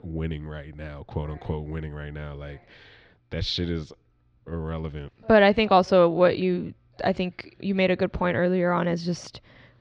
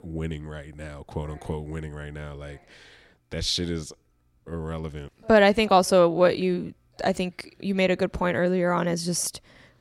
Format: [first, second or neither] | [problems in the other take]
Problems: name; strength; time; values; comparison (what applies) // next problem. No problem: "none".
second | muffled; very slightly; fading above 4.5 kHz